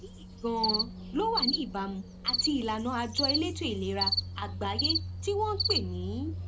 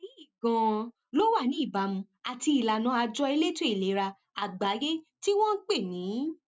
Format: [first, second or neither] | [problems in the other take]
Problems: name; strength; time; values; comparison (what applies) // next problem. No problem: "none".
second | background sound (Cricket); as loud as the speech